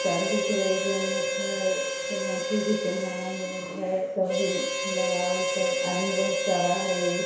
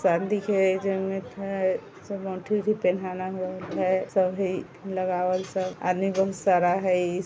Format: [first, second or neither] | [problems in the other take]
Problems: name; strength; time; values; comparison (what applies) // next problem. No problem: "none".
second | background sound (Harmonica); as loud as the speech // room echo; dies away in 0.7 s